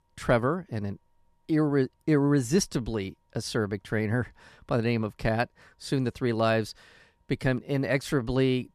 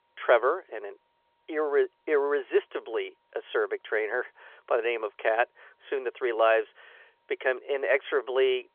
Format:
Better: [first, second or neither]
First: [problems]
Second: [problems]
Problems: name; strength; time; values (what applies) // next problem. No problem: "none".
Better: first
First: none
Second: phone-call audio; nothing above 3.5 kHz